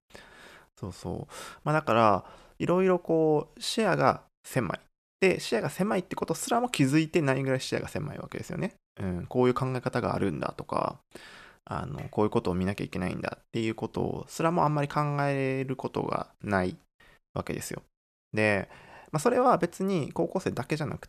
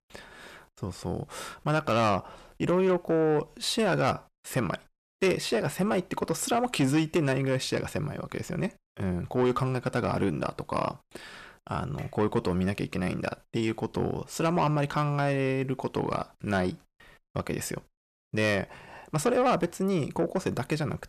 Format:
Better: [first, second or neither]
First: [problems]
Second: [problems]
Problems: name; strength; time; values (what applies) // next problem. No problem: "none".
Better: first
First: none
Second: distortion; slight; 10 dB below the speech